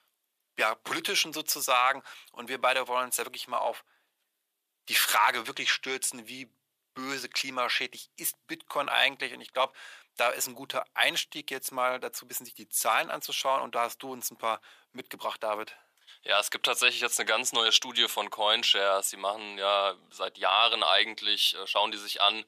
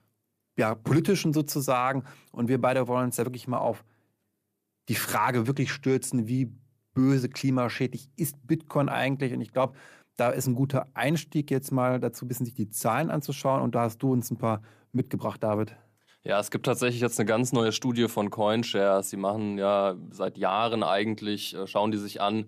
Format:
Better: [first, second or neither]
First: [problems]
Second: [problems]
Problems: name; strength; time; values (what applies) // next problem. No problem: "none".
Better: second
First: thin; very; fading below 900 Hz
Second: none